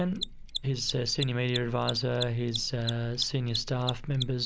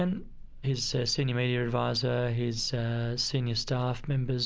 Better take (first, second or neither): second